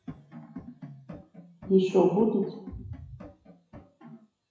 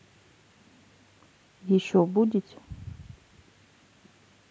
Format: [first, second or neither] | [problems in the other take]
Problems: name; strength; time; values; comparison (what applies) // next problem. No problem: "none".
second | noise reduction (classical method WPE with log-MMSE)